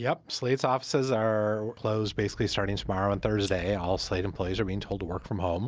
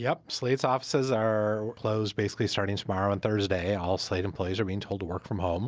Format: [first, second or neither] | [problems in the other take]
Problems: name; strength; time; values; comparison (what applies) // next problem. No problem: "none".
second | background sound (Scissors); 16 dB below the speech